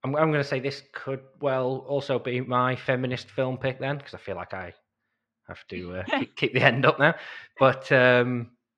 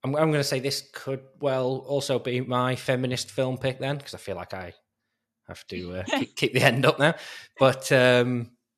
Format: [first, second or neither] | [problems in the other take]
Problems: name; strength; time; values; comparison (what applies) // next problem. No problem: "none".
second | muffled; slightly; fading above 2.5 kHz